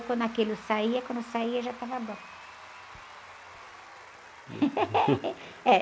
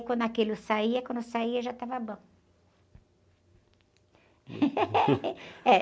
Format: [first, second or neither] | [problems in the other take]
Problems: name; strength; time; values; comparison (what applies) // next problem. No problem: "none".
second | background sound (Applause / Crowd / Cheering); 17 dB below the speech